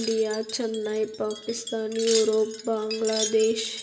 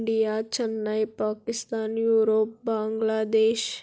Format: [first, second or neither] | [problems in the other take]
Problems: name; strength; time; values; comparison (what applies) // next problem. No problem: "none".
second | background sound (Wind chime); 10 dB below the speech // room echo; dies away in 0.7 s